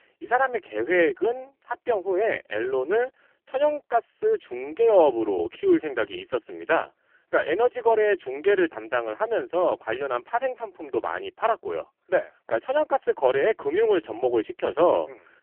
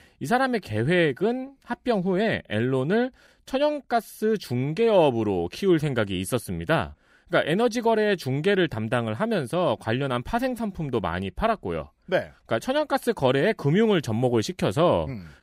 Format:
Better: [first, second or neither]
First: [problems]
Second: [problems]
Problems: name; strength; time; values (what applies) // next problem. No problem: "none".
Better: second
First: phone-call audio; poor line; nothing above 3 kHz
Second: none